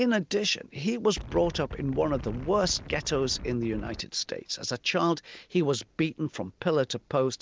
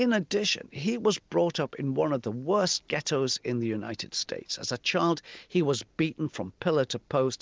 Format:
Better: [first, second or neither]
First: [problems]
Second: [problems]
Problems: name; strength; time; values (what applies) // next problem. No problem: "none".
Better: second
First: background sound (Wind); 11 dB below the speech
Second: none